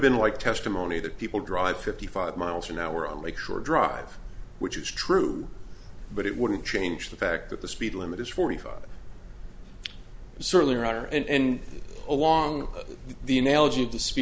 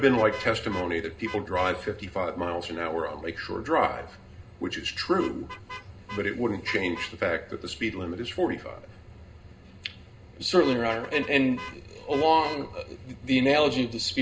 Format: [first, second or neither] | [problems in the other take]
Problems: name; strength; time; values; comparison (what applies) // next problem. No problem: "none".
first | background sound (Vehicle horn, car horn, honking); 18 dB below the speech // room echo; dies away in 0.2 s